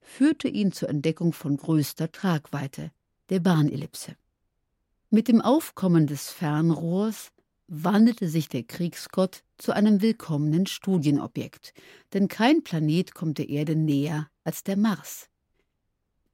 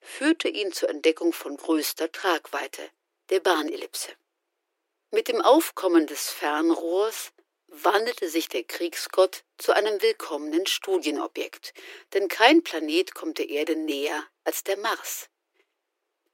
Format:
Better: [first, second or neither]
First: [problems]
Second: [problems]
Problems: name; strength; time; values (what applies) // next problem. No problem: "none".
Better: first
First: none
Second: thin; very; fading below 350 Hz